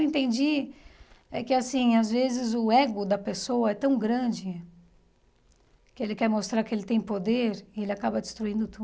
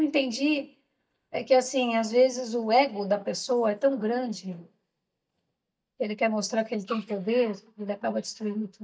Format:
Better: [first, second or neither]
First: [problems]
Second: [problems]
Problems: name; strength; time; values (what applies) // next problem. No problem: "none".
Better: first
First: none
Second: noise reduction (neural mask model DeepFilterNet 3)